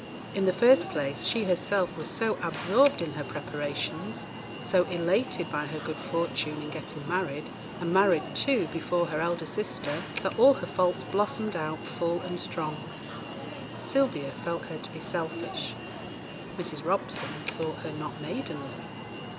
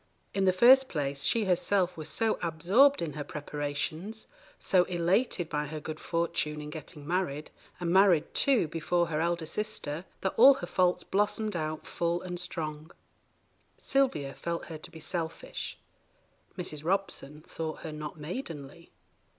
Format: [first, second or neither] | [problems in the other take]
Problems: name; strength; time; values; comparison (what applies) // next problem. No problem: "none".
second | background sound (Alarm); 9 dB below the speech